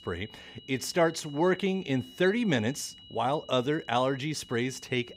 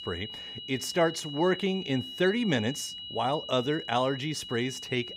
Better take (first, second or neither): first